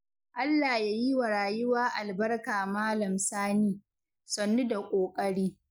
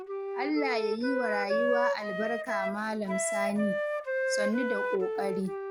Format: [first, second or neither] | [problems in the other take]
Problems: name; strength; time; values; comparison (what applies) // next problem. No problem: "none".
first | background sound (Wind instrument, woodwind instrument); 1 dB above the speech